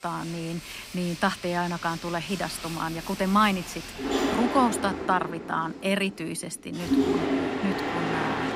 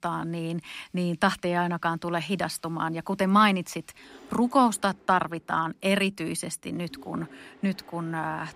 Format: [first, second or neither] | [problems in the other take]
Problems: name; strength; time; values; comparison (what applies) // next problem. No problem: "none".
second | machinery noise; loud; throughout; 3 dB below the speech; faint in the second